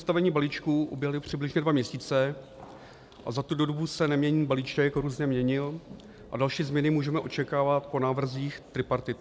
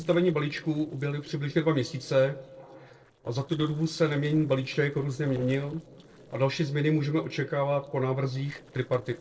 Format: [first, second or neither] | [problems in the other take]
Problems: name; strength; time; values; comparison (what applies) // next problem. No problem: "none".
first | noise reduction (neural separator model SepFormer DNS4)